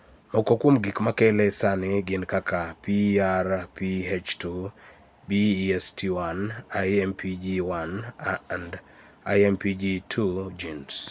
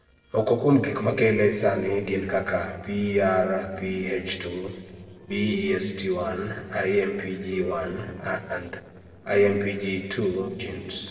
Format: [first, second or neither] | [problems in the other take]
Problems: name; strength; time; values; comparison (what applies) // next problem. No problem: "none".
first | noise reduction (neural separator model SepFormer DNS4)